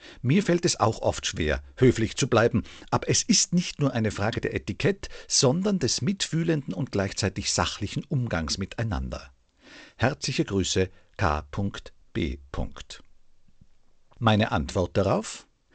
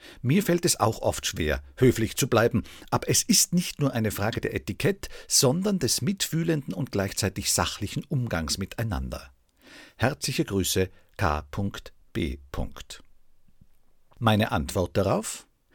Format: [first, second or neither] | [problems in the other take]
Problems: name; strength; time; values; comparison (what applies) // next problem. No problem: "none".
second | garbled, watery; slightly; nothing above 8 kHz